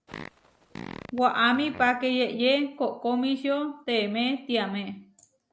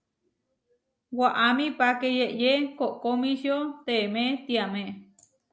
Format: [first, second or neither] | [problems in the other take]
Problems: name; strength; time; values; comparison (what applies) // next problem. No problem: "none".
second | background sound (Fart); 16 dB below the speech